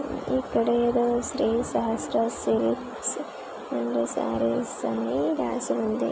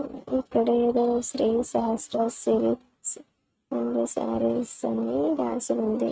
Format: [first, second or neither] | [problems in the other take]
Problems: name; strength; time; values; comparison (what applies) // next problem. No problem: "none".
first | noise reduction (neural mask model RNNoise)